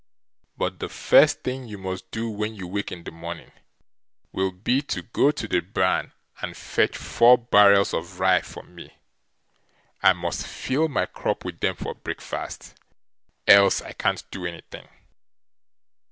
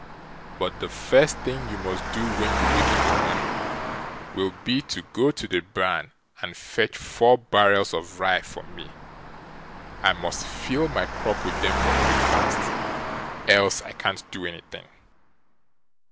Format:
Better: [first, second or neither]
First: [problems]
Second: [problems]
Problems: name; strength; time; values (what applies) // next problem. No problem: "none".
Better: first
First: none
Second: background sound (Engine); 3 dB below the speech